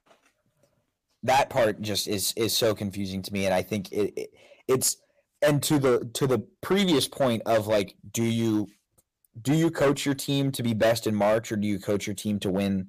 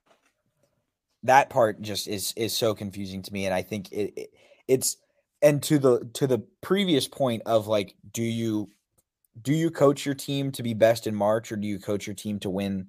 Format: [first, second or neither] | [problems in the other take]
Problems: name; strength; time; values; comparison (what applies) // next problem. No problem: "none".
second | distortion; heavy; 7% of the sound clipped